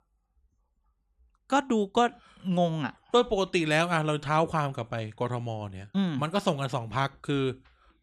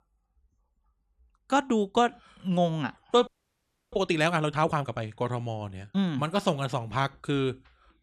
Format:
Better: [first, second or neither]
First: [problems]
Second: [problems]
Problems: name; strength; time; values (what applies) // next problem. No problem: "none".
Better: first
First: none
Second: audio freezing; at 3.5 s for 0.5 s